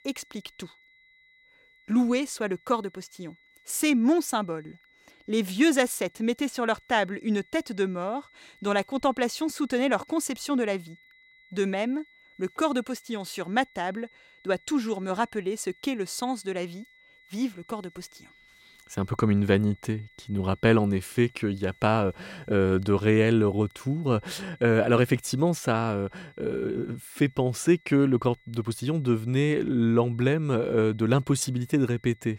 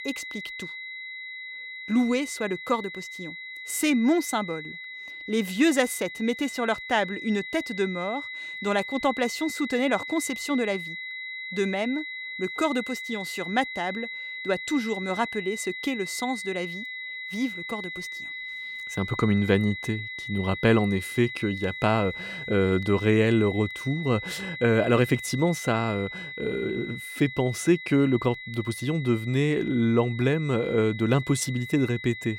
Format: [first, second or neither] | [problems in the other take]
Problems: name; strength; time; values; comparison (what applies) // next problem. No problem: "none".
first | high-pitched whine; loud; throughout; 2 kHz, 9 dB below the speech; faint in the first